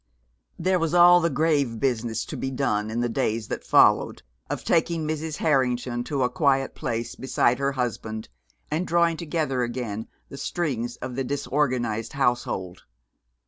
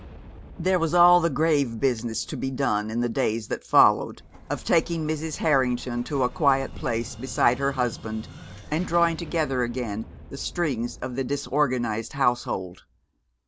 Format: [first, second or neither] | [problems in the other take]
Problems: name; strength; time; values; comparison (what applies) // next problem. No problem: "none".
first | background sound (Explosion); 18 dB below the speech